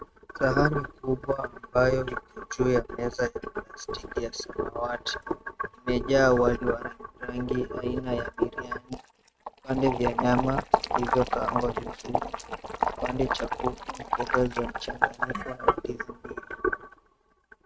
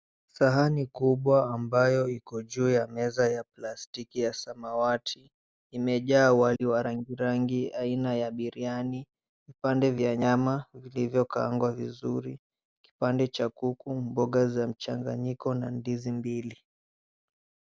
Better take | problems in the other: second | noise reduction (neural mask model RNNoise)

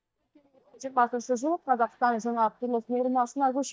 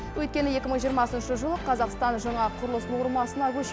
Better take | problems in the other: second | noise reduction (neural mask model DeepFilterNet 3)

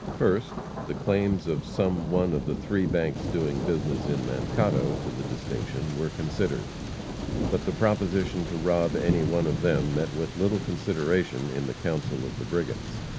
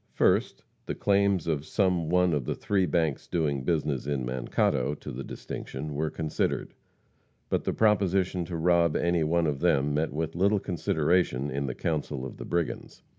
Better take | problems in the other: second | background sound (Thunder); 5 dB below the speech

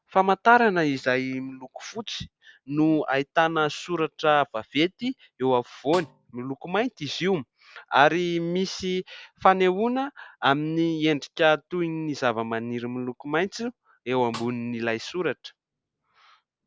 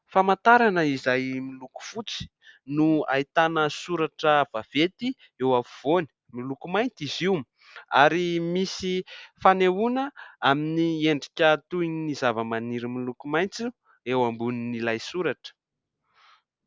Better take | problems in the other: second | background sound (Snare drum); 18 dB below the speech

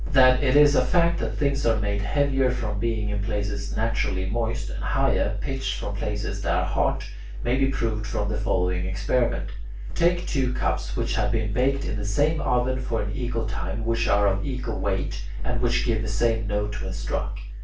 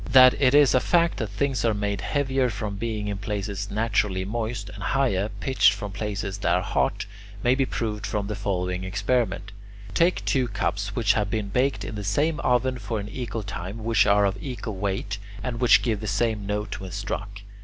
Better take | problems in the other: second | room echo; dies away in 0.3 s

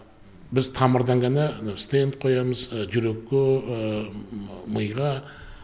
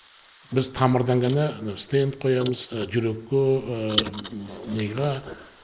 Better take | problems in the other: first | noise reduction (neural mask model Resemble Enhance denoiser)

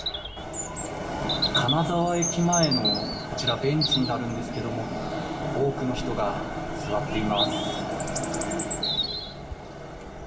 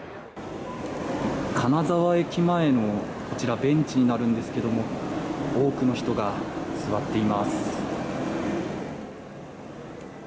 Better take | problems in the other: second | background sound (Bird vocalization, bird call, bird song); 5 dB below the speech // room echo; dies away in 2.9 s

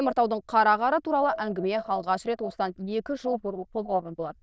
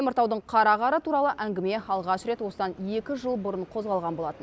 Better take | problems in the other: second | noise reduction (neural diffusion model UNIVERSE++)

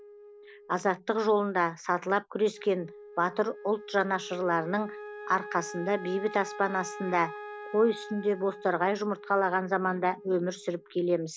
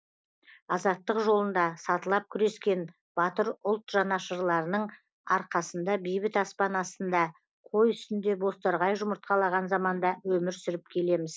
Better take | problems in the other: second | background sound (Wind instrument, woodwind instrument); 15 dB below the speech

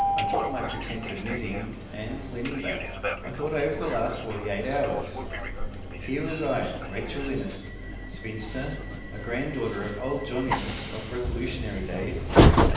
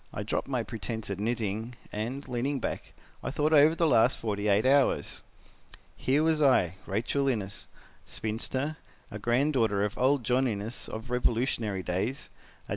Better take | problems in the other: second | background sound (Train); 4 dB above the speech // room echo; dies away in 0.9 s

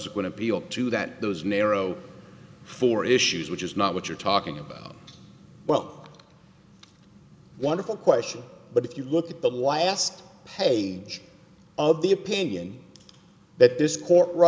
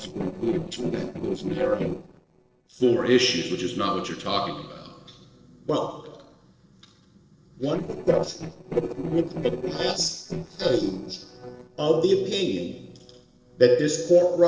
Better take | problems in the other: first | noise reduction (neural separator model SepFormer DNS4)

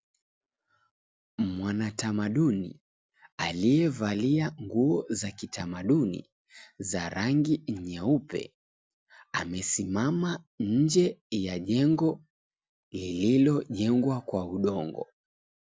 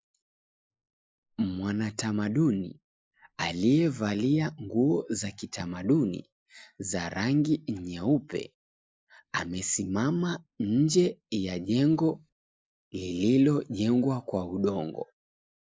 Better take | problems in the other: first | noise reduction (neural mask model Resemble Enhance denoiser)

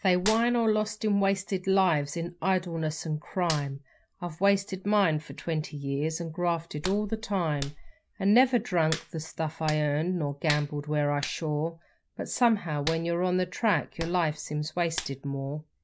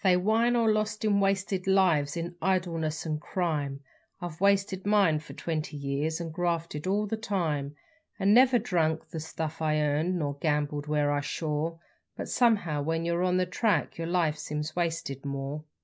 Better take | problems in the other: second | background sound (Hands); 15 dB below the speech

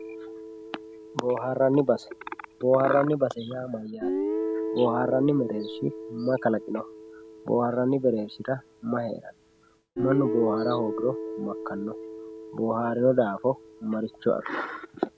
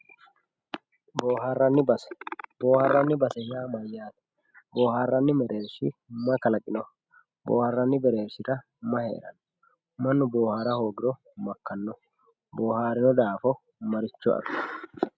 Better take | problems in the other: second | background sound (Guitar); 8 dB below the speech

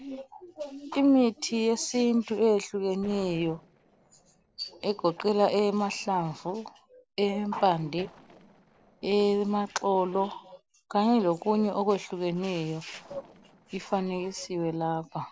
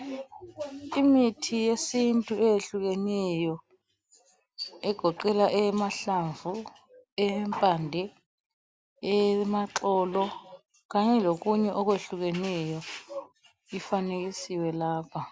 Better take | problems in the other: second | noise reduction (neural separator model SepFormer DNS4)

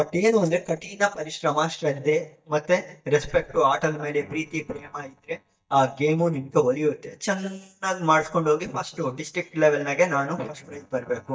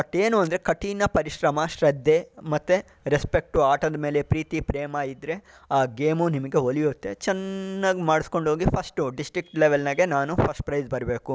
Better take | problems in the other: second | noise reduction (neural mask model DeepFilterNet 3)

